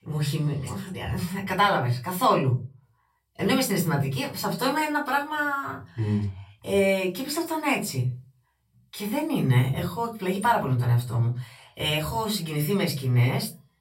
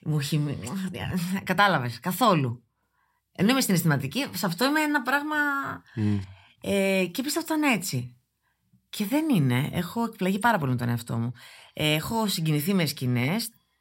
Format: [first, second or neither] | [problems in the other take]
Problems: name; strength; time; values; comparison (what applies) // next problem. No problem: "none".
second | off-mic speech; far // room echo; very slight; dies away in 0.3 s